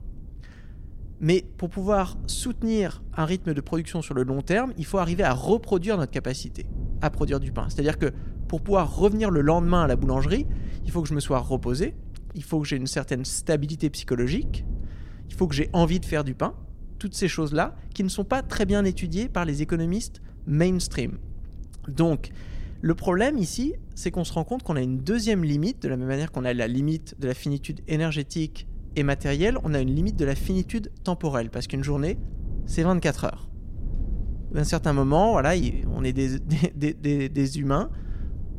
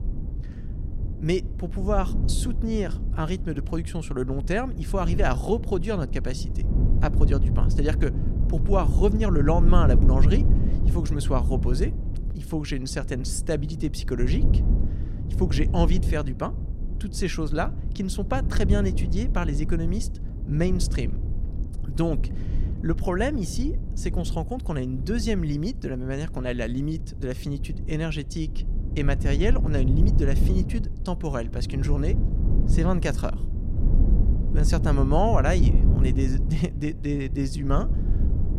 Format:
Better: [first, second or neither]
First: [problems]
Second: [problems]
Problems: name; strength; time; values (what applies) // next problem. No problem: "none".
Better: first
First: low rumble; faint; throughout; 25 dB below the speech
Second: low rumble; loud; throughout; 10 dB below the speech